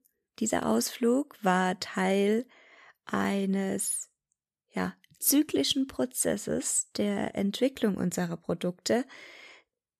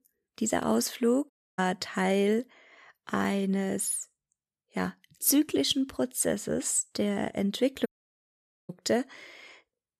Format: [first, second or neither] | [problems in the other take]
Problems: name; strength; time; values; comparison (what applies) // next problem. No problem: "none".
first | audio cutting out; at 1.5 s and at 8 s for 1 s